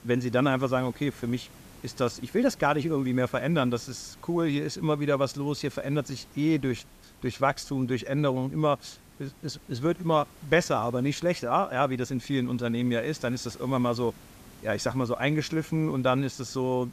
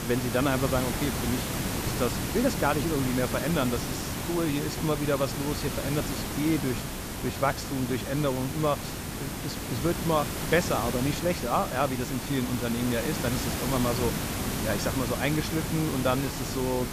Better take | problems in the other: first | hiss; loud; throughout; 3 dB below the speech; faint in the first

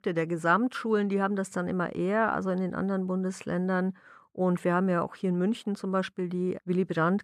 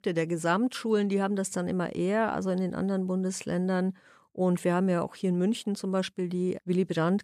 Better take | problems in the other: second | muffled; slightly; fading above 3 kHz

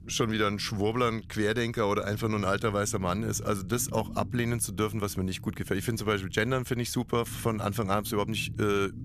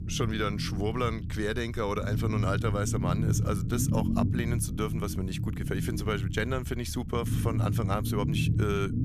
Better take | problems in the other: first | low rumble; loud; throughout; 8 dB below the speech; faint in the first

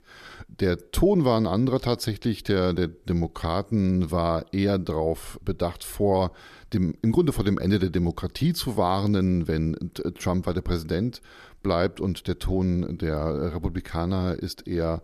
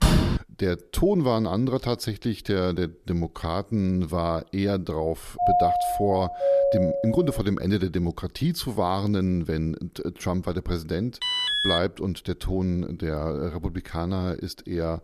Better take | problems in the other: first | door banging; loud; at the start; peak 6 dB above the speech // doorbell; loud; from 5.5 to 7.5 s; peak 6 dB above the speech // alarm; loud; at 11 s; peak 5 dB above the speech

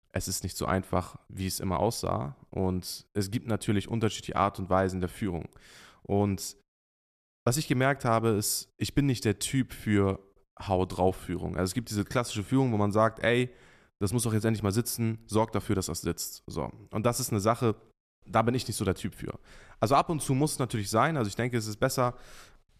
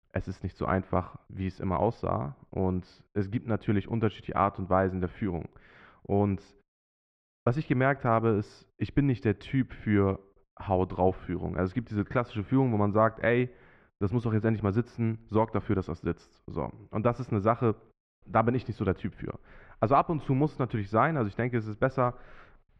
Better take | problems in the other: first | muffled; very; fading above 2.5 kHz

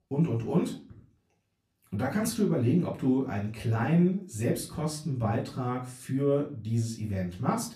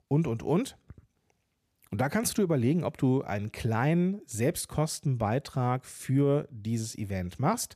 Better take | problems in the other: second | off-mic speech; far // room echo; very slight; dies away in 0.3 s

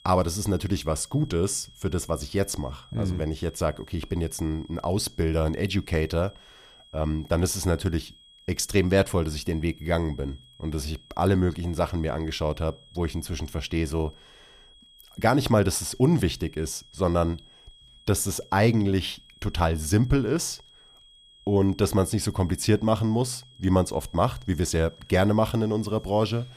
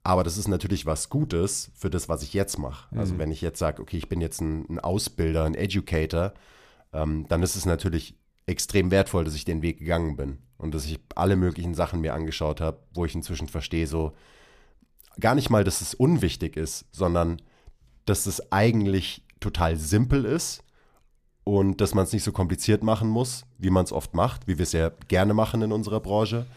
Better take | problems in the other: second | high-pitched whine; faint; throughout; 3.5 kHz, 25 dB below the speech

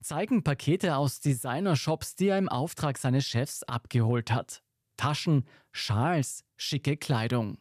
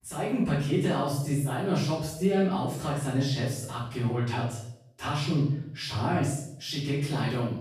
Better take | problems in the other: first | off-mic speech; far // room echo; noticeable; dies away in 0.6 s

